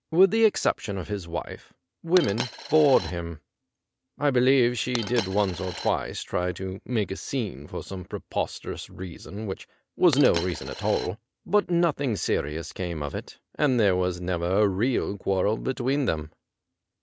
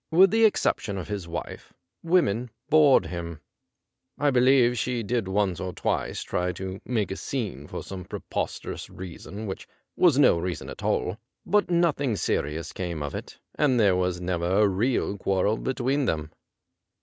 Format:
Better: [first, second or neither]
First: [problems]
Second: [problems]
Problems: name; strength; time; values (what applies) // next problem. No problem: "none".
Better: second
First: background sound (Coin (dropping)); 9 dB below the speech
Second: none